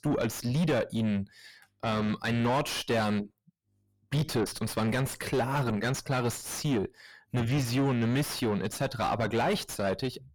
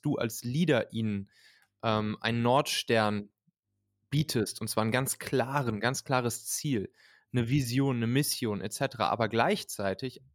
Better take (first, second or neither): second